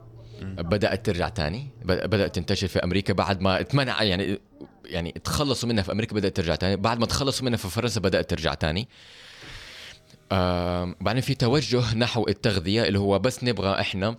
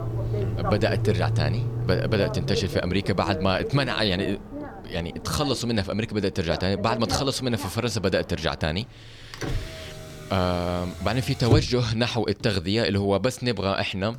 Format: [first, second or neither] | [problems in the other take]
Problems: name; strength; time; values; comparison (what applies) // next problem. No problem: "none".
first | traffic noise; loud; throughout; 6 dB below the speech; faint in the first